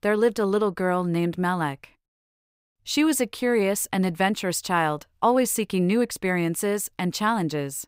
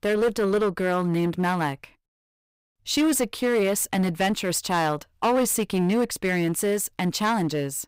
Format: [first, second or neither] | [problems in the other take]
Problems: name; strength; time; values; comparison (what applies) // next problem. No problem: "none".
first | distortion; slight; 10% of the sound clipped